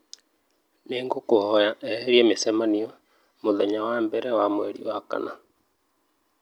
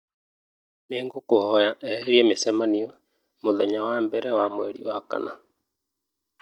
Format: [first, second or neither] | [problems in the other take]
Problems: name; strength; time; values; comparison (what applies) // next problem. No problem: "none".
first | noise reduction (neural mask model DeepFilterNet 3)